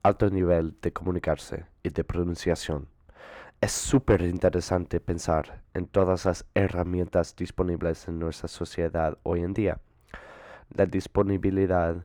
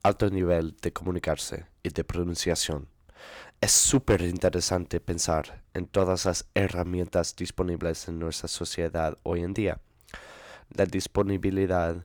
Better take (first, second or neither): second